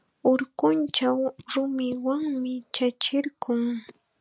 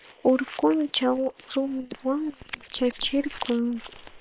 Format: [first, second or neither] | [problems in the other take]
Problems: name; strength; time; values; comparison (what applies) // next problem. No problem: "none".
first | noise reduction (neural separator model SepFormer WHAM!)